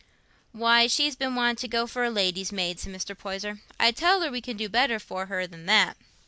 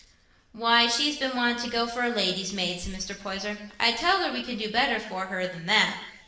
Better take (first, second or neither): first